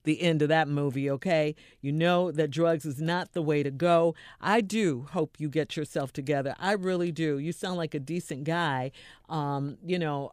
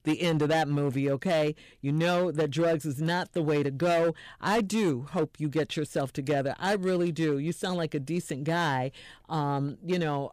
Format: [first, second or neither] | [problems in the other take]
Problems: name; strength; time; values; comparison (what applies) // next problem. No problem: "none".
first | distortion; slight; 9% of the sound clipped